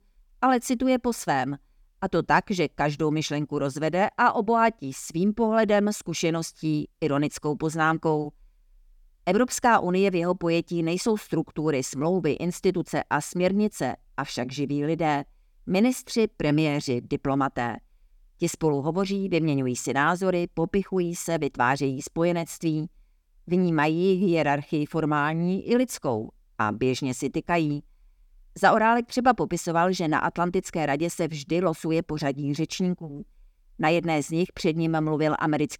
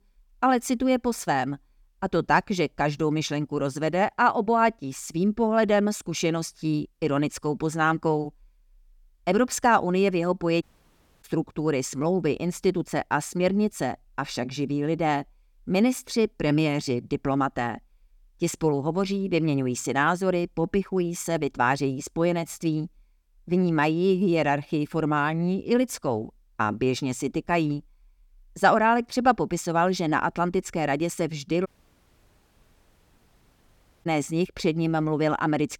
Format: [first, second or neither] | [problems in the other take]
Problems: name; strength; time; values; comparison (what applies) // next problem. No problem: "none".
first | audio cutting out; at 11 s for 0.5 s and at 32 s for 2.5 s